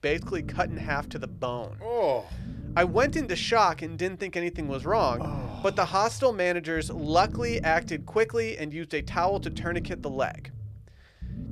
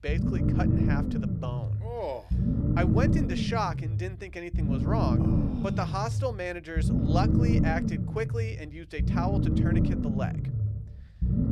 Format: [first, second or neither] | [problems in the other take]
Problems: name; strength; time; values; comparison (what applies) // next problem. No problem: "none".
first | low rumble; loud; throughout; 1 dB below the speech; faint in the first